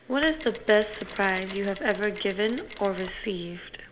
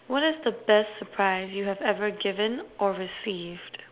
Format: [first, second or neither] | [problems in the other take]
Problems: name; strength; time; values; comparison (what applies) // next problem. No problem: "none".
second | background sound (Mechanisms); 16 dB below the speech // room echo; dies away in 0.5 s